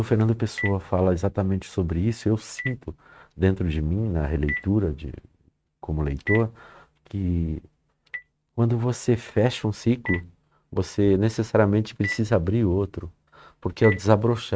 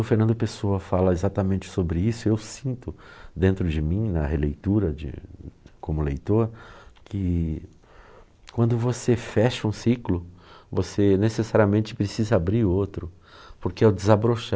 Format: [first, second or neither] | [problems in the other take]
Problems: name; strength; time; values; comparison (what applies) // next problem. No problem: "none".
second | noise reduction (neural mask model RNNoise)